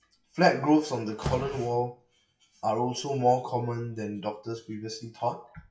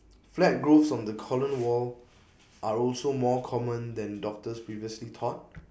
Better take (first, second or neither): second